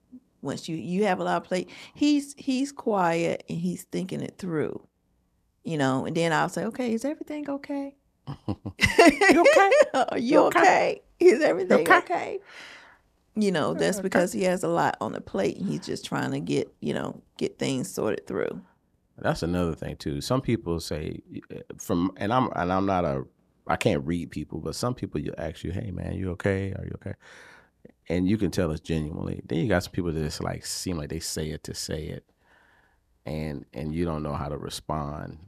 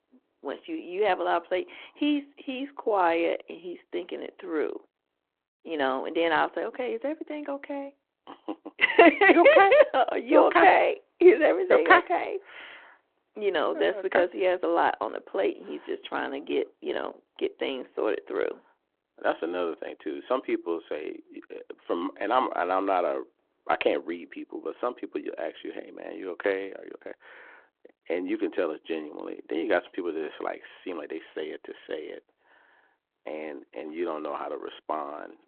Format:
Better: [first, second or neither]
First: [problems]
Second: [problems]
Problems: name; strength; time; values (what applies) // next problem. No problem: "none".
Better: first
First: none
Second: phone-call audio